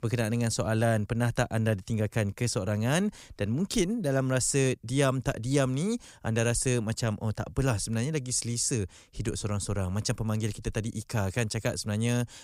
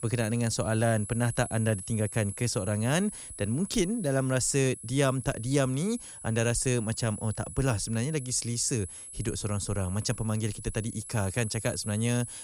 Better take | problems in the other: first | high-pitched whine; noticeable; throughout; 10.5 kHz, 10 dB below the speech

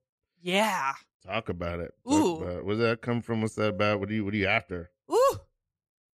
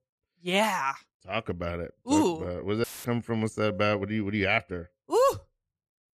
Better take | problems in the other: first | audio cutting out; filled with static; at 3 s

